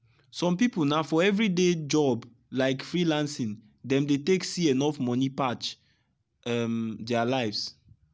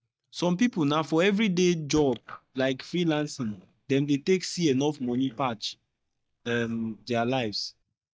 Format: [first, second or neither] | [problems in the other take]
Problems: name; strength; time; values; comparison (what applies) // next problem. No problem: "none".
first | noise reduction (neural mask model DeepFilterNet 3)